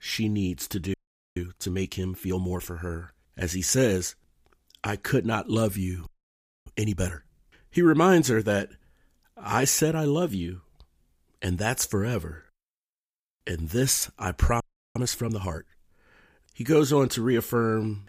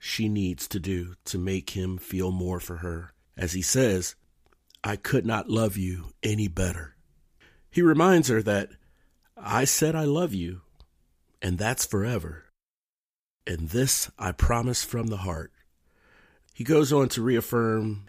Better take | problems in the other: second | audio freezing; at 1 s, at 6 s for 0.5 s and at 15 s

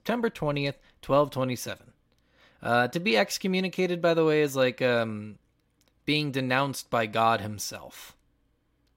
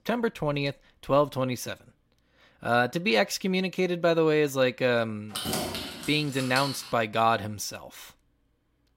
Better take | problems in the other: first | jangling keys; noticeable; from 5.5 to 7 s; peak 3 dB below the speech

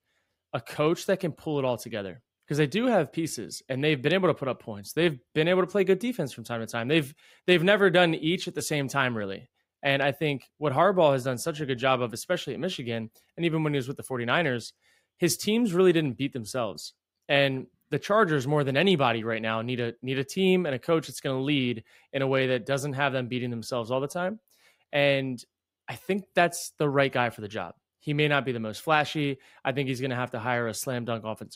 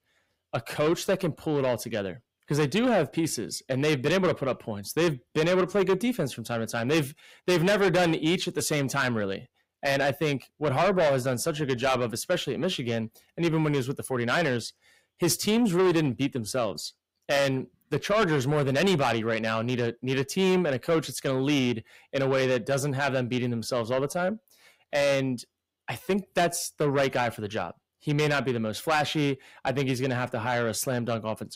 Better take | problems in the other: first | distortion; heavy; 8 dB below the speech

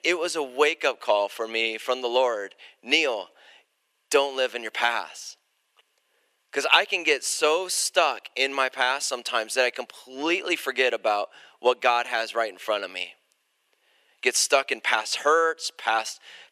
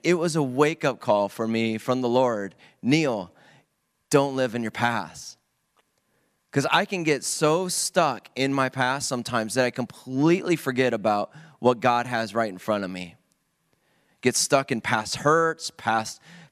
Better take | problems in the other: second | thin; very; fading below 400 Hz

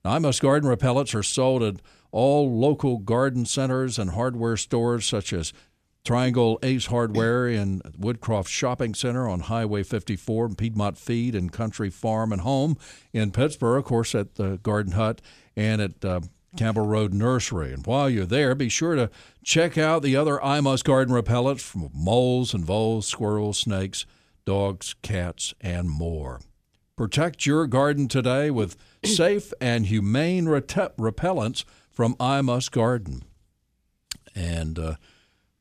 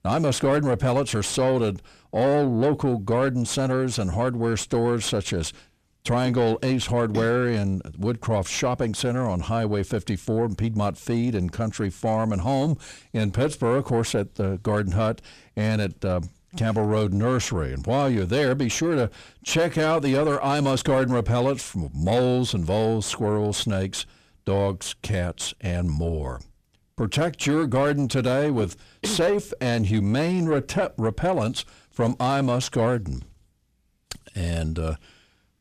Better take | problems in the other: first | distortion; slight; 10 dB below the speech

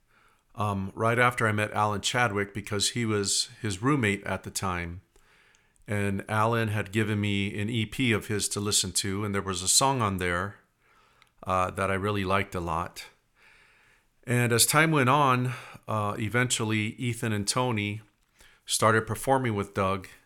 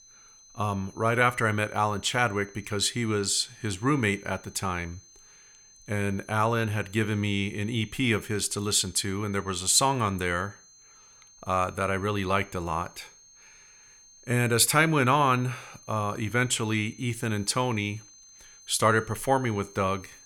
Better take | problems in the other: first | high-pitched whine; faint; throughout; 6.5 kHz, 25 dB below the speech

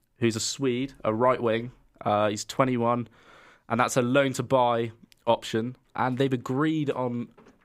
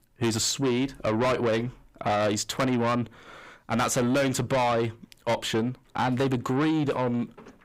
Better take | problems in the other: first | distortion; heavy; 6 dB below the speech

